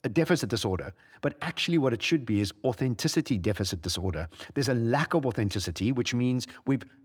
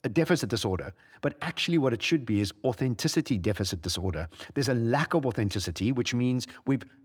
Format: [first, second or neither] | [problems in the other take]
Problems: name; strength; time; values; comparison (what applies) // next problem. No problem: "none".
neither | none